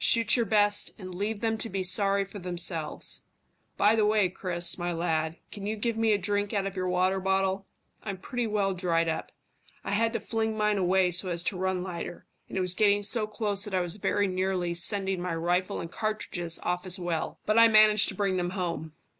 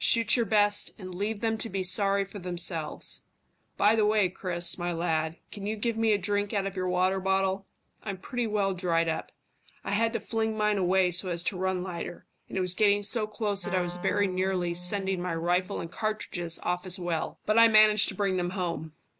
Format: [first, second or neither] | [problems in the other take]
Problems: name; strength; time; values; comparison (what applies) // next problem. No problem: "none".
first | background sound (Wind instrument, woodwind instrument); 13 dB below the speech